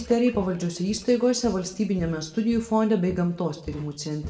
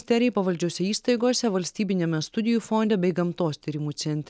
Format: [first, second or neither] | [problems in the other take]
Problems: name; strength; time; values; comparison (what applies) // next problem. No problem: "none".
second | background sound (Walk, footsteps); 18 dB below the speech // room echo; dies away in 0.7 s